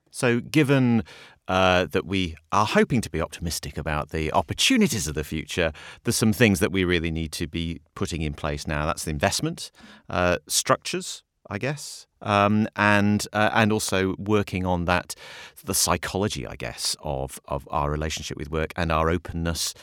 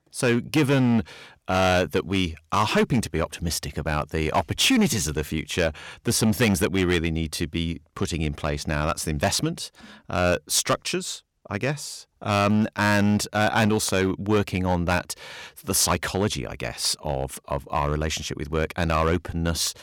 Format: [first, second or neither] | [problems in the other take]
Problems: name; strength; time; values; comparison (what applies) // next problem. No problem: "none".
first | distortion; slight; 5% of the sound clipped